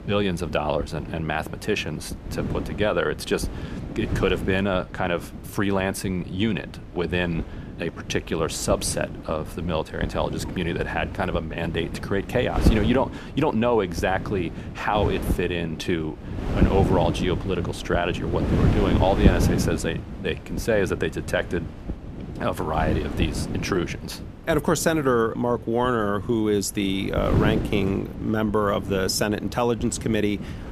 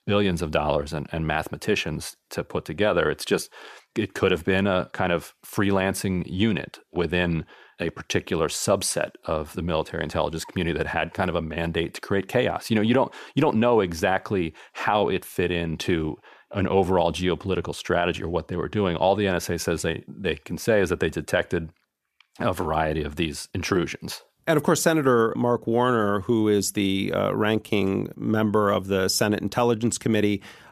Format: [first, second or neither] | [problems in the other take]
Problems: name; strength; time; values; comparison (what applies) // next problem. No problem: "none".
second | wind noise on the microphone; occasional gusts; 10 dB below the speech